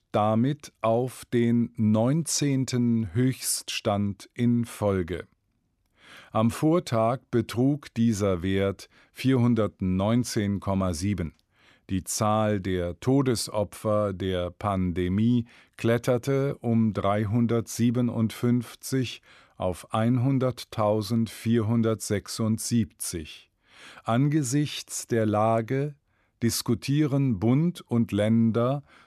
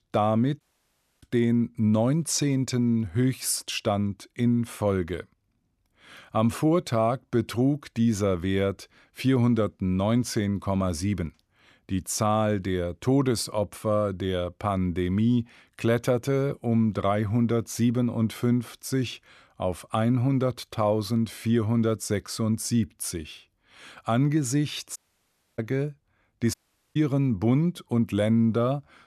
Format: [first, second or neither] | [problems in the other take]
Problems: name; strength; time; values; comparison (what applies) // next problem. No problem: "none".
first | audio cutting out; at 0.5 s for 0.5 s, at 25 s for 0.5 s and at 27 s